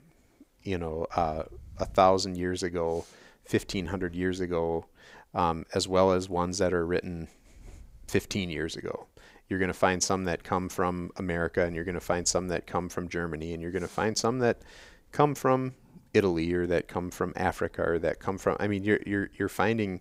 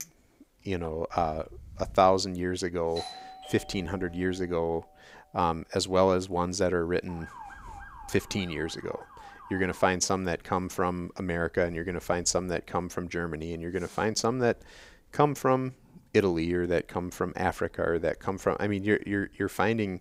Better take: first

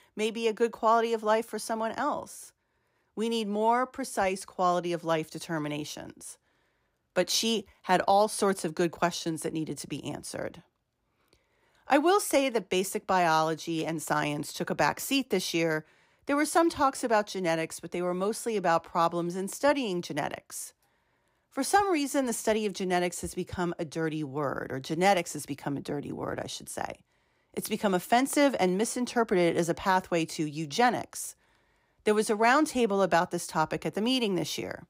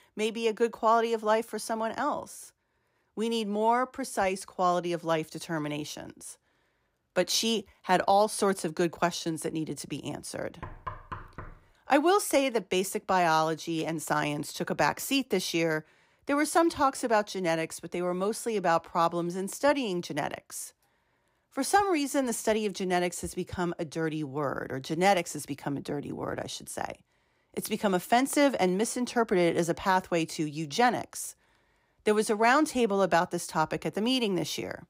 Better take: first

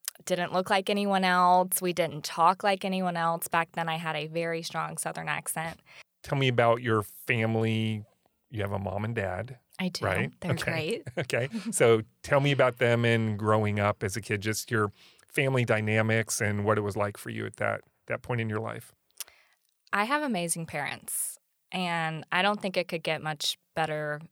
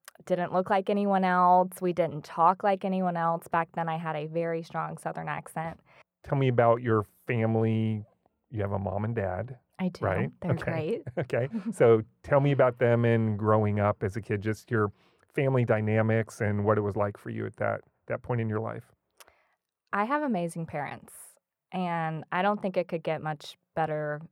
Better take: first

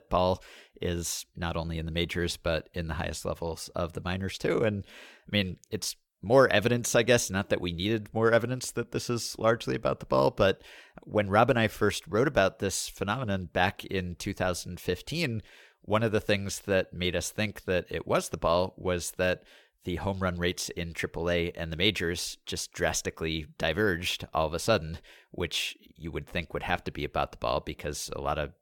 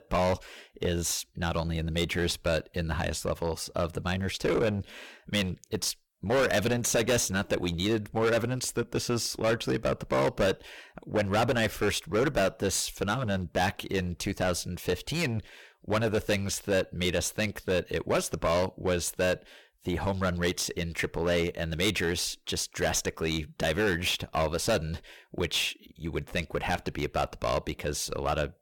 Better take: first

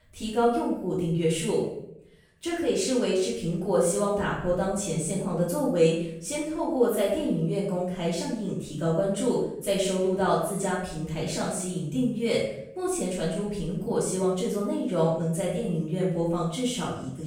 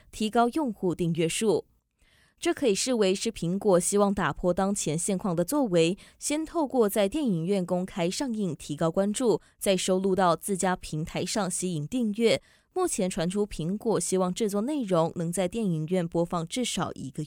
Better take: second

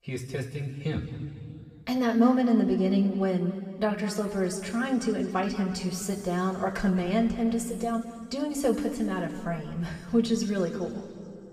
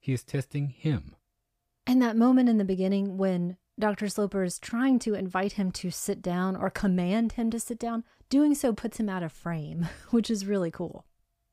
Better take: second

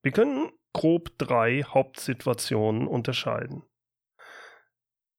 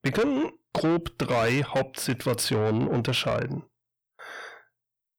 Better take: first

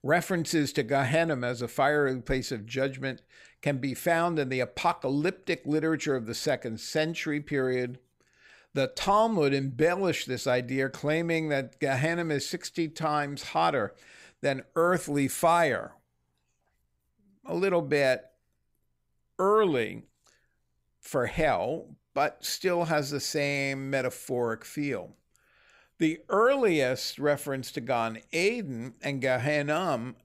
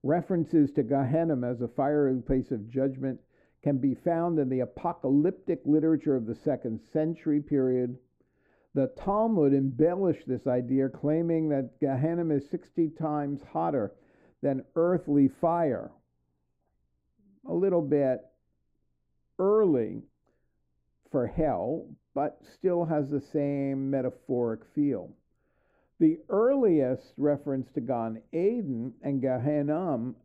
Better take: first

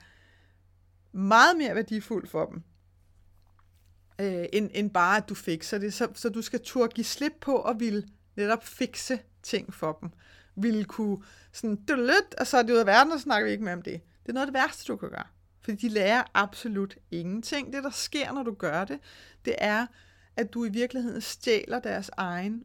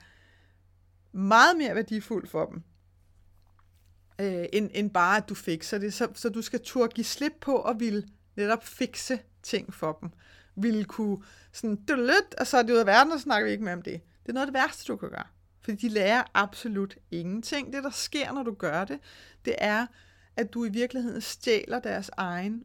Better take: neither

